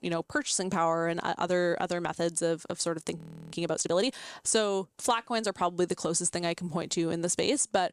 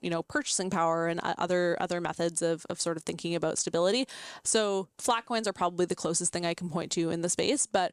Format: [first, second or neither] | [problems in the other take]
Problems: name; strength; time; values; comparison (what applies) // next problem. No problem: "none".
second | audio freezing; at 3 s